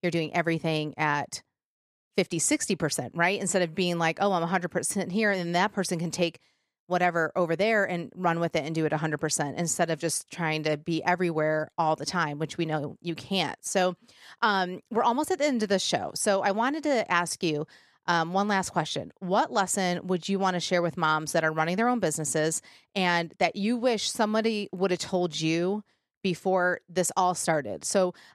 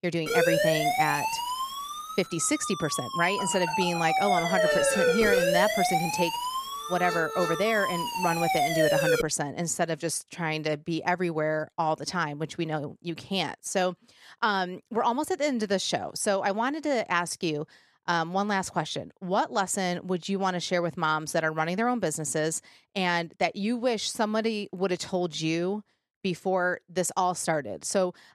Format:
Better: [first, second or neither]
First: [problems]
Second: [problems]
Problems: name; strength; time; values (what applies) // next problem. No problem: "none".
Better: first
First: none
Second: siren; loud; until 9 s; peak 5 dB above the speech